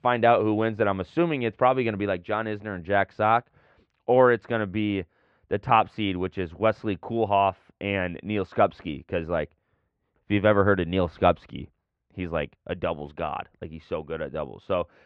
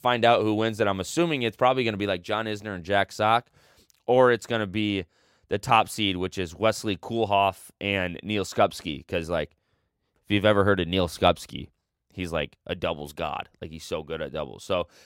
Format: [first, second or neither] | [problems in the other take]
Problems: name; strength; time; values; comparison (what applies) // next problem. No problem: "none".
second | muffled; very; fading above 2.5 kHz